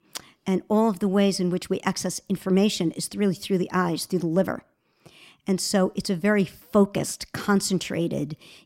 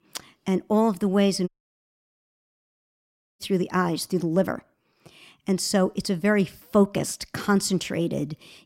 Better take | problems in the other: first | audio cutting out; at 1.5 s for 2 s

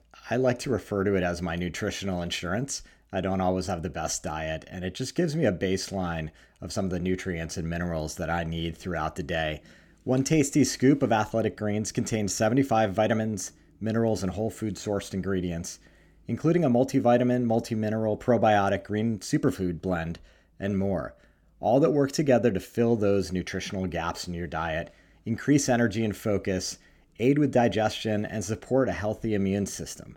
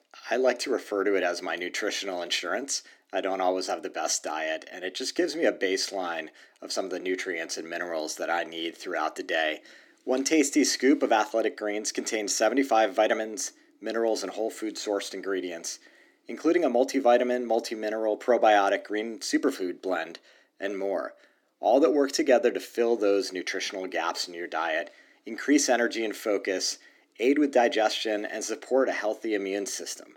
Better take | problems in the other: first | thin; somewhat; fading below 300 Hz

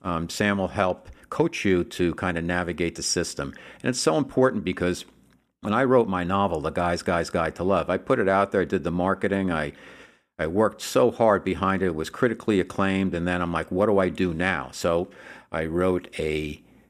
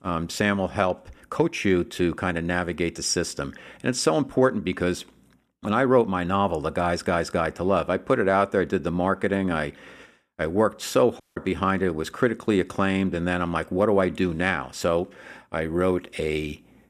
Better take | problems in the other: first | audio cutting out; at 11 s

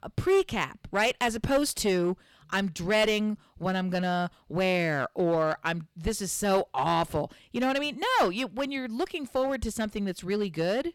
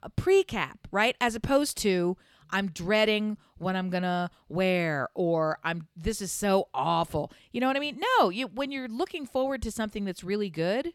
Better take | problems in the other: second | distortion; slight; 7% of the sound clipped

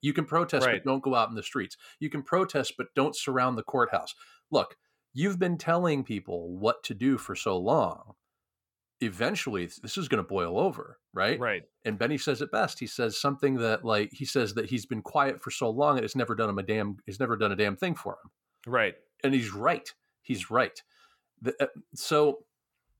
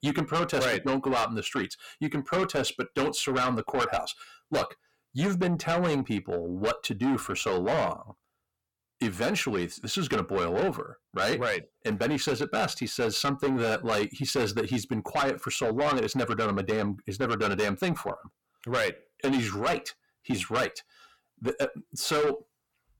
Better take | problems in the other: first | distortion; heavy; 6 dB below the speech

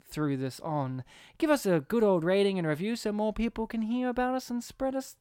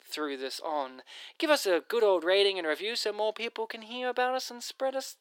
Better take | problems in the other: first | thin; very; fading below 350 Hz

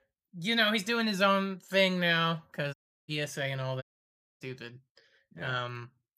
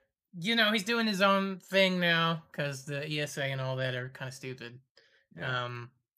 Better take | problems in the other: second | audio cutting out; at 2.5 s and at 4 s for 0.5 s

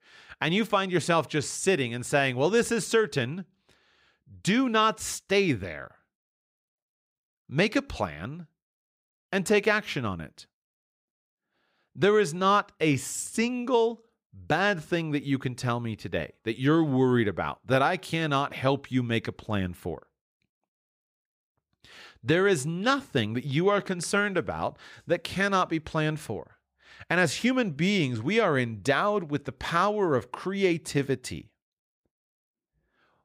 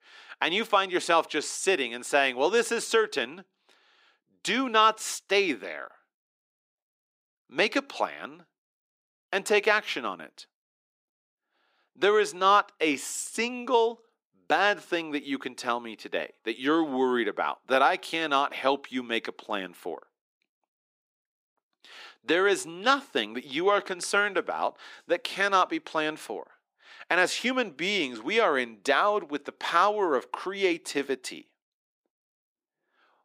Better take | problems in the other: first | thin; somewhat; fading below 250 Hz

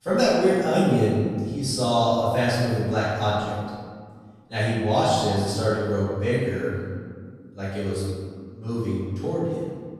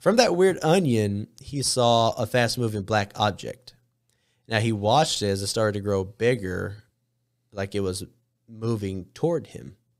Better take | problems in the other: second | room echo; strong; dies away in 1.8 s // off-mic speech; far

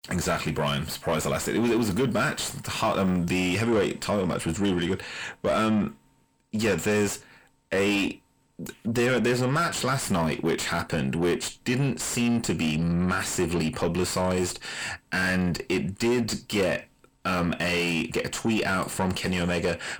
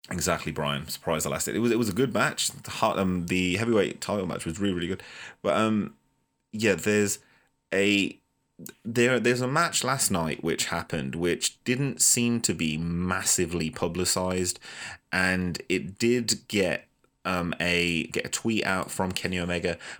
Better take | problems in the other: second | distortion; heavy; 6 dB below the speech

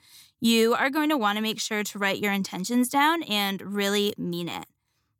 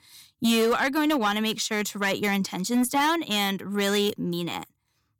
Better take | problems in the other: first | distortion; slight; 7% of the sound clipped

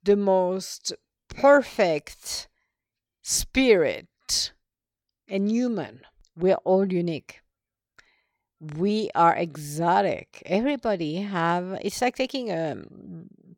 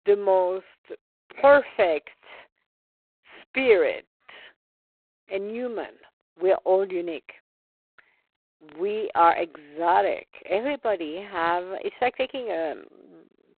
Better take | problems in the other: first | phone-call audio; poor line; nothing above 4 kHz

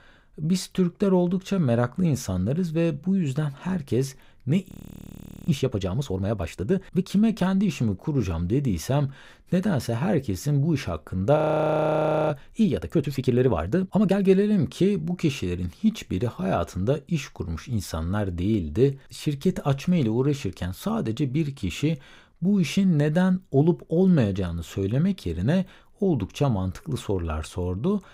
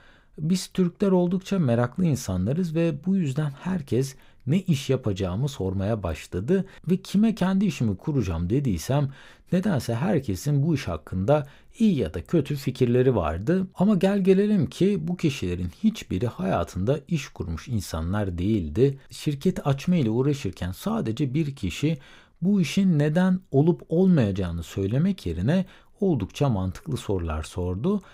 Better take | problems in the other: second | audio freezing; at 4.5 s for 1 s and at 11 s for 1 s

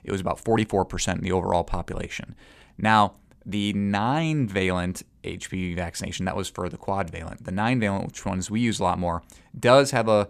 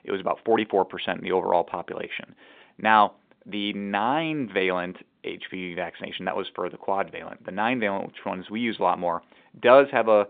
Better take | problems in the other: first | phone-call audio; nothing above 3.5 kHz

